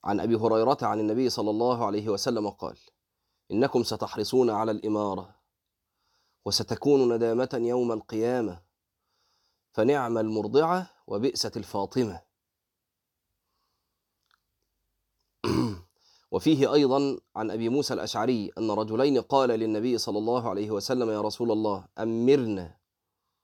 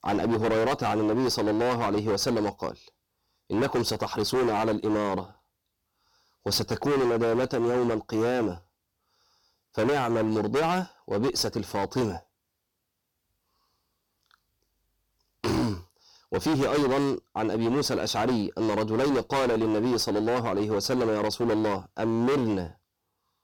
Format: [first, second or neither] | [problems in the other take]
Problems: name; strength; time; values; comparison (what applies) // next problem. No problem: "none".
first | distortion; heavy; 20% of the sound clipped